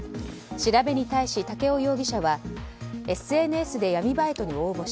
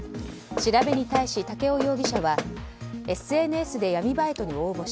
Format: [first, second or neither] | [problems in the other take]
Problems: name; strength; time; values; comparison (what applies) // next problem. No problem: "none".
first | background sound (Knock); 6 dB below the speech